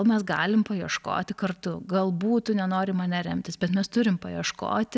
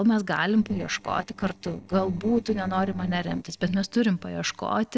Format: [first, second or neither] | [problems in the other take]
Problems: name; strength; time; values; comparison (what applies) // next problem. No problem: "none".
first | noise reduction (neural separator model SepFormer DNS4)